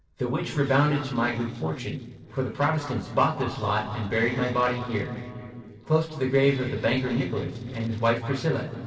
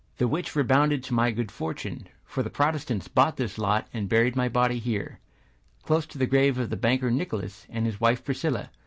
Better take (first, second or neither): second